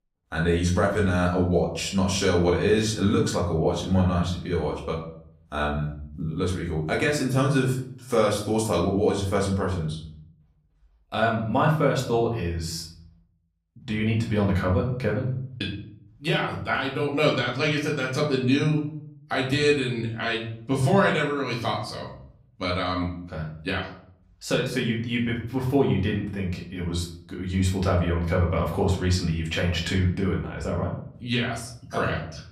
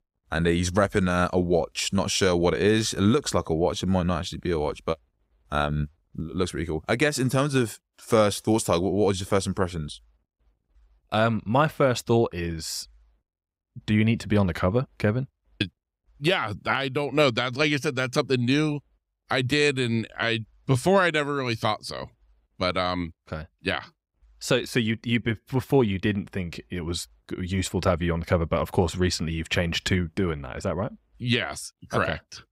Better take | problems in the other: second | off-mic speech; far // room echo; slight; dies away in 0.6 s

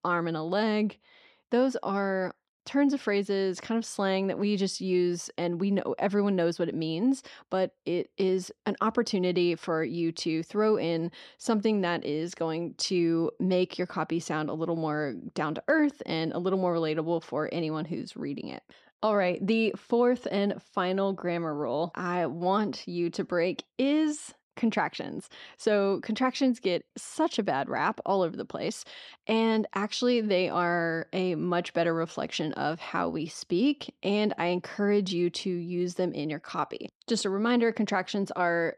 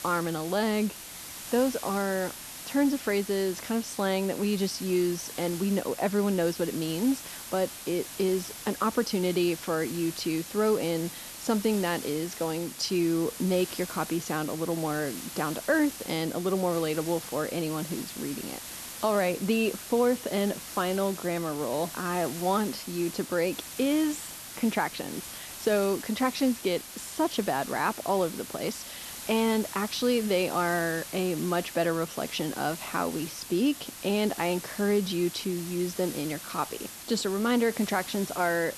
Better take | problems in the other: first | hiss; loud; throughout; 10 dB below the speech

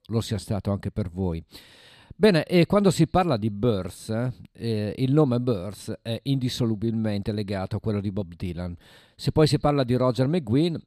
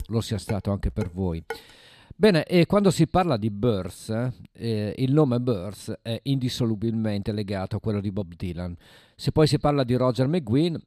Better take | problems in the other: first | clattering dishes; faint; until 1.5 s; peak 10 dB below the speech

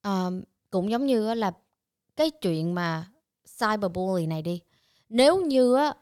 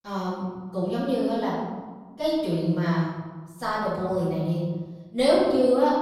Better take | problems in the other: first | off-mic speech; far // room echo; noticeable; dies away in 1.4 s

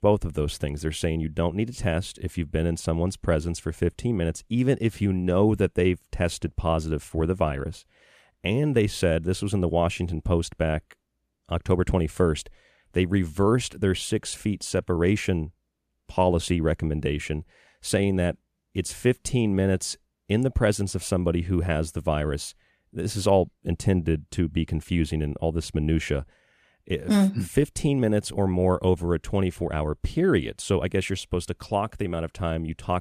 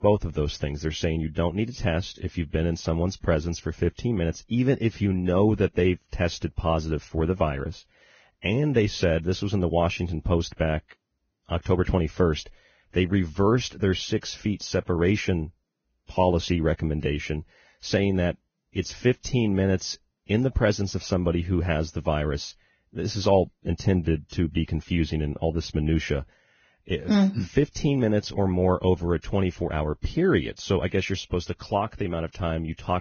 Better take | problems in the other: first | garbled, watery; badly; nothing above 6.5 kHz

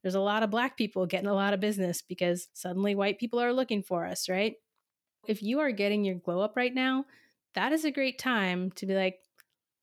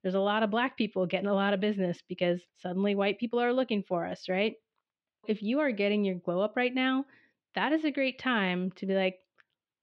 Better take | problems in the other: first | muffled; slightly; fading above 3.5 kHz

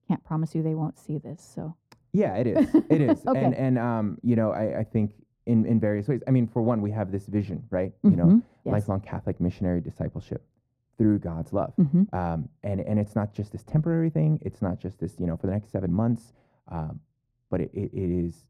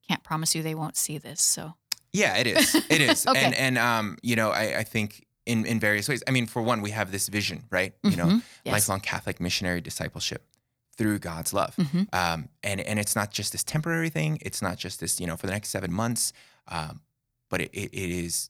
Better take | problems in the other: second | muffled; very; fading above 1.5 kHz

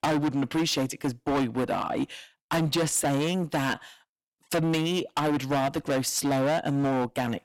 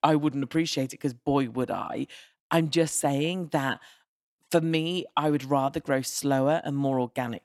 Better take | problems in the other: second | distortion; heavy; 19% of the sound clipped

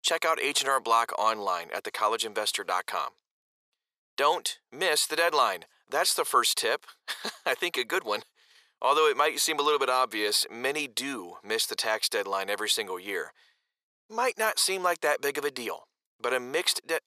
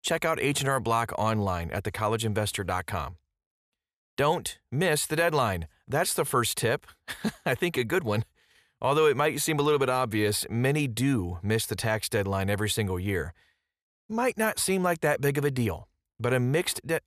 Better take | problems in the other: second | thin; very; fading below 400 Hz

